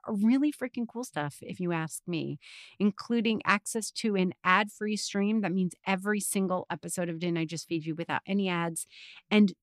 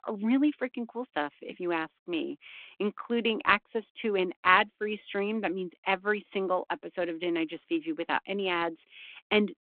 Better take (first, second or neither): first